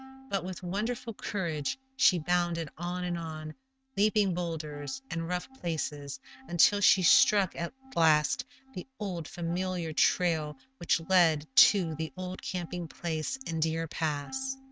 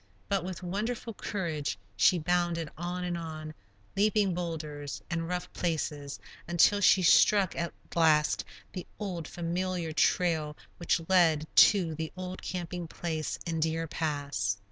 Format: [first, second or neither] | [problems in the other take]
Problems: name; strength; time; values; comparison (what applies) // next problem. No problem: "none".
second | noise reduction (neural mask model RNNoise)